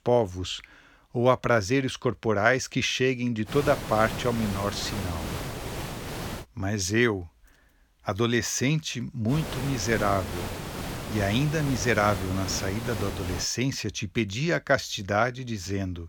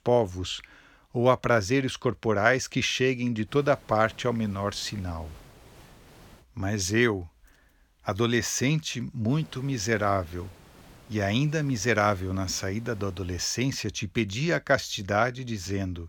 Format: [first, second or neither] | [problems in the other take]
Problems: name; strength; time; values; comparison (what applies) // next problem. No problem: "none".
second | hiss; loud; from 3.5 to 6.5 s and from 9.5 to 13 s; 8 dB below the speech; faint in the second